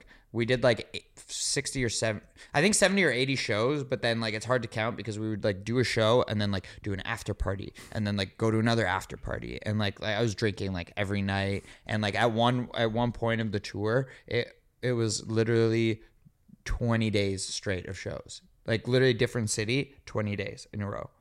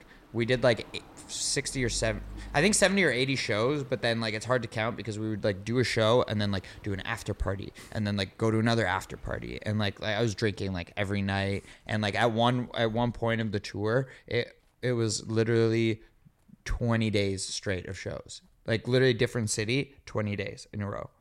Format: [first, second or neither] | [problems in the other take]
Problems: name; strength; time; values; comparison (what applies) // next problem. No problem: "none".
first | rain or running water; faint; throughout; 25 dB below the speech